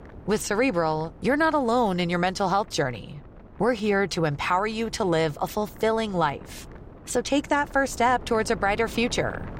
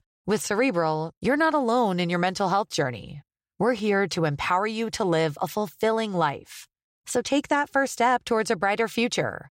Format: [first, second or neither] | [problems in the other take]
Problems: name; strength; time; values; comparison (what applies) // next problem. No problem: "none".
second | wind noise on the microphone; occasional gusts; 25 dB below the speech